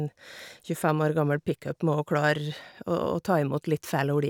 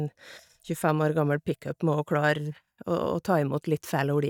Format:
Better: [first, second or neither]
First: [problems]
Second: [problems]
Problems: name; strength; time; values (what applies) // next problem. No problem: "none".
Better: first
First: none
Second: noise reduction (neural mask model DeepFilterNet 3)